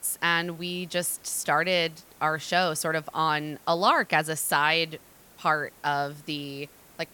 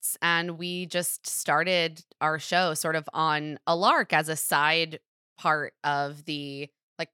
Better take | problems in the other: second | hiss; faint; throughout; 25 dB below the speech

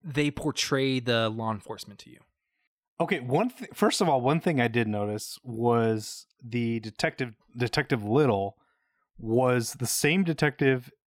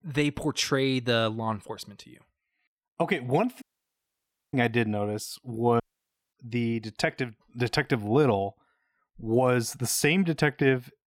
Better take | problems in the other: first | audio cutting out; at 3.5 s for 1 s and at 6 s for 0.5 s

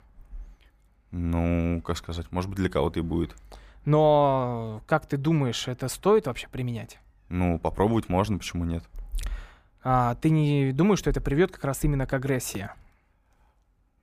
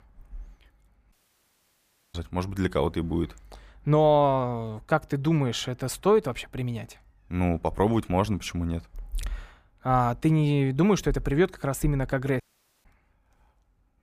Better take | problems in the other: first | audio cutting out; at 1 s for 1 s and at 12 s

